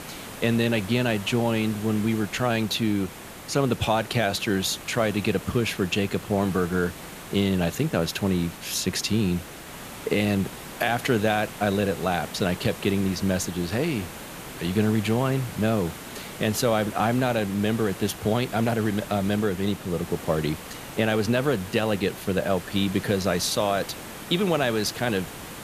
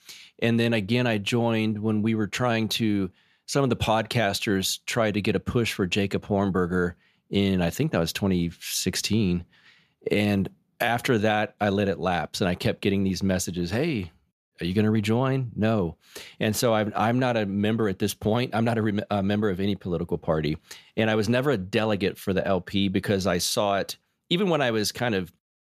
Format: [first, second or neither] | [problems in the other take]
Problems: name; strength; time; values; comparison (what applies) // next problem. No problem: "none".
second | hiss; noticeable; throughout; 15 dB below the speech